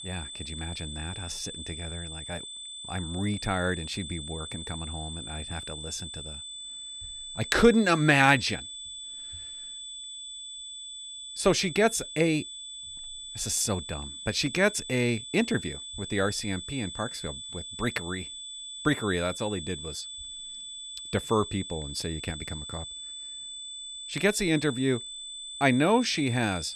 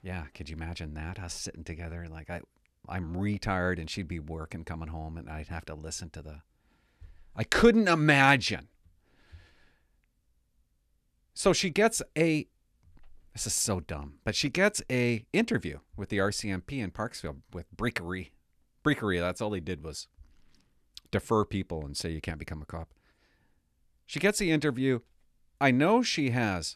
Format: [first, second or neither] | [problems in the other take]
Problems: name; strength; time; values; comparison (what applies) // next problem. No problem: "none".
second | high-pitched whine; loud; throughout; 3.5 kHz, 10 dB below the speech